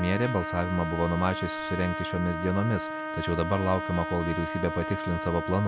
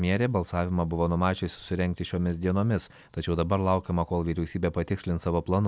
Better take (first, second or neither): second